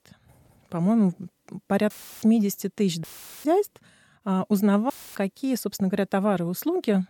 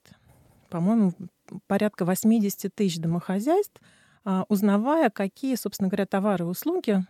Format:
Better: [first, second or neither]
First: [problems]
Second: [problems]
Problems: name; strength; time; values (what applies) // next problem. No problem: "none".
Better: second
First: audio cutting out; filled with static; at 2 s, at 3 s and at 5 s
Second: none